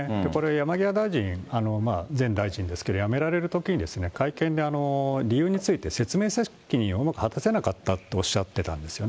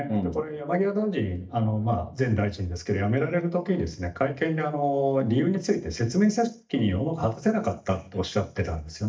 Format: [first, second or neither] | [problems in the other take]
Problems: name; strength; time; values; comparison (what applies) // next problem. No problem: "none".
first | noise reduction (neural mask model DeepFilterNet 3)